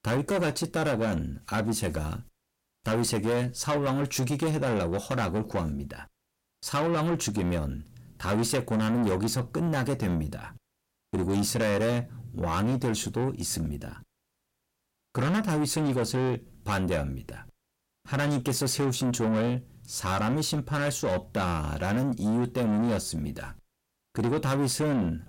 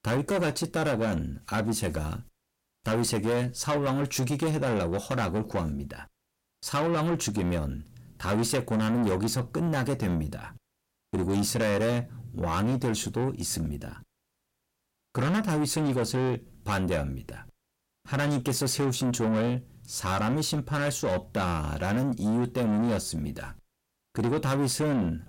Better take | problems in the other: neither | distortion; heavy; 7 dB below the speech; the same in both

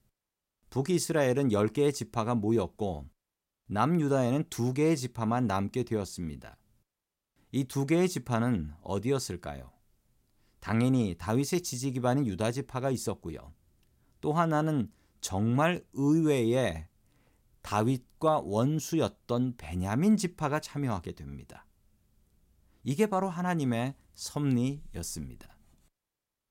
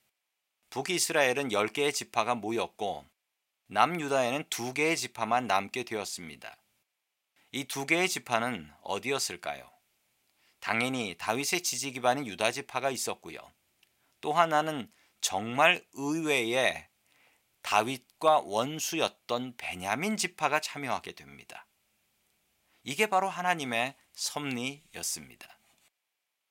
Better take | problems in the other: first | thin; somewhat; fading below 1 kHz

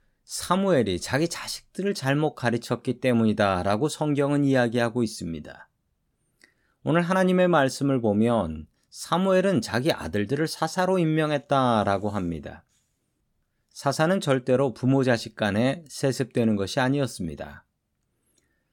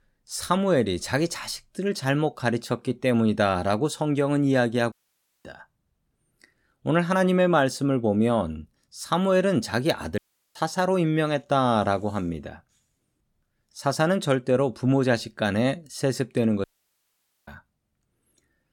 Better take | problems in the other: first | audio cutting out; at 5 s for 0.5 s, at 10 s and at 17 s for 1 s

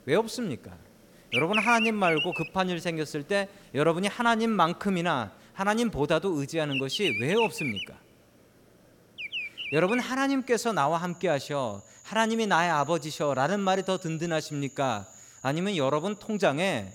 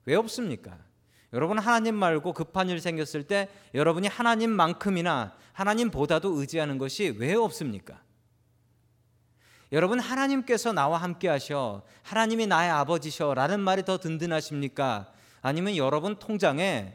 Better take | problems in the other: second | animal sounds; loud; throughout; 3 dB below the speech

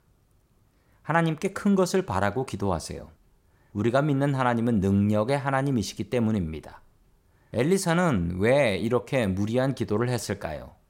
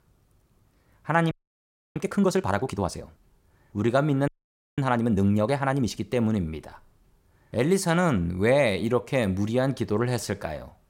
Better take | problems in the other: first | audio freezing; at 1.5 s for 0.5 s and at 4.5 s for 0.5 s

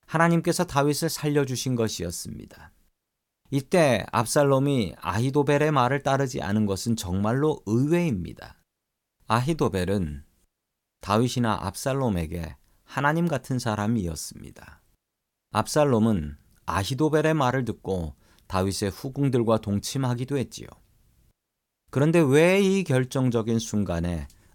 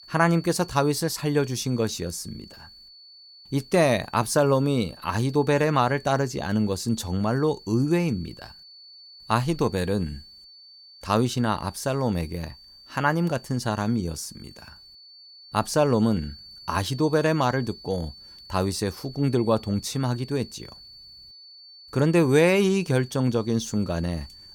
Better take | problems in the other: first | high-pitched whine; faint; throughout; 4.5 kHz, 20 dB below the speech

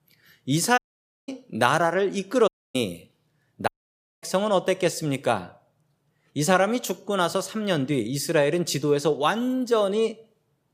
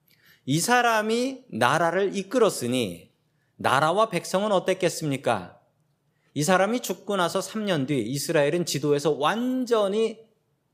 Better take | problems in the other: second | audio cutting out; at 1 s for 0.5 s, at 2.5 s and at 3.5 s for 0.5 s

